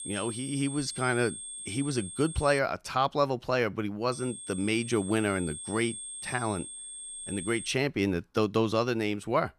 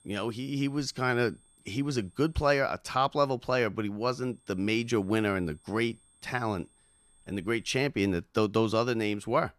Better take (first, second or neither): second